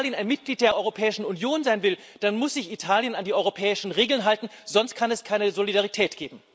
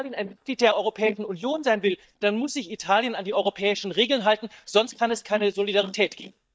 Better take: first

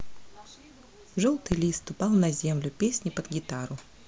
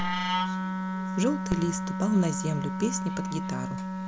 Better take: first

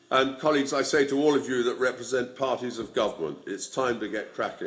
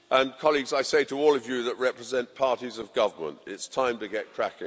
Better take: second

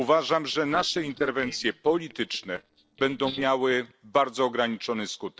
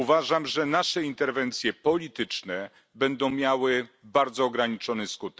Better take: second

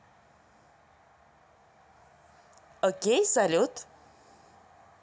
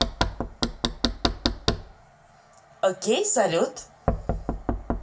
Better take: first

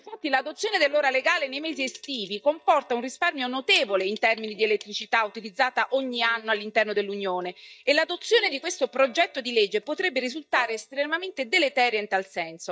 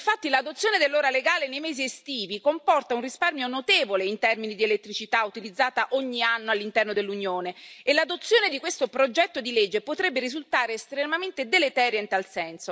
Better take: second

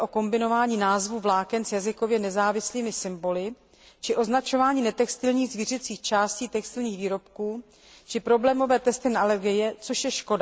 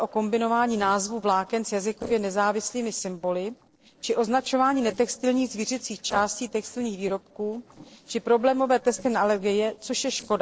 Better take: first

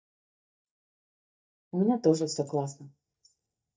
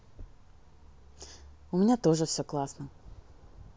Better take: second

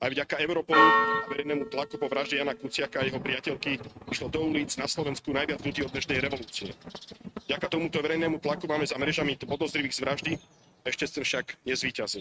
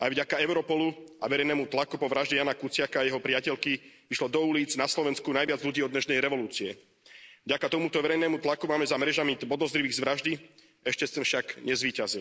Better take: second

